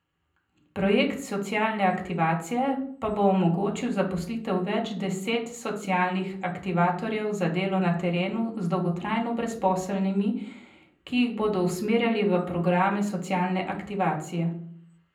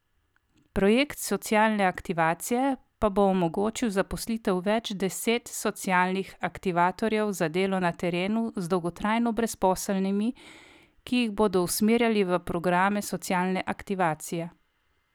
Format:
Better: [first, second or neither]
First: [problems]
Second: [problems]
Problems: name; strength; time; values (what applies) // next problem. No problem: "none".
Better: second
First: room echo; dies away in 0.6 s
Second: none